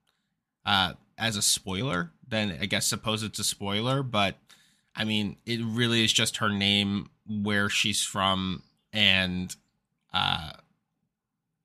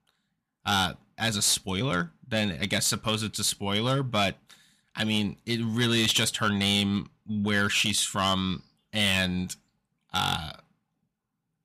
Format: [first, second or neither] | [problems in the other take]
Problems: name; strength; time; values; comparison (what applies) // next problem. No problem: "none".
first | distortion; slight; 3% of the sound clipped